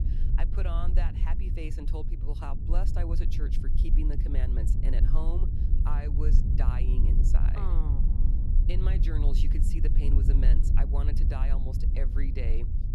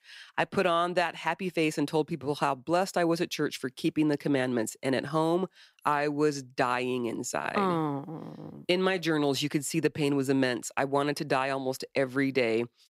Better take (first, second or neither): second